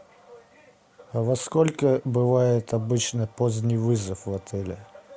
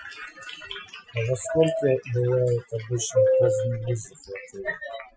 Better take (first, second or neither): first